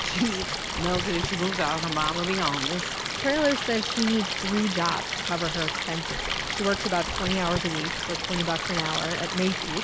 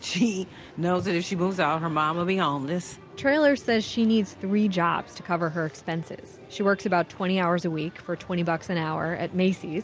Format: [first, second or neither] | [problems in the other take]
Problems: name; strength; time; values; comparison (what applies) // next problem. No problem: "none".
second | background sound (Stream); 2 dB below the speech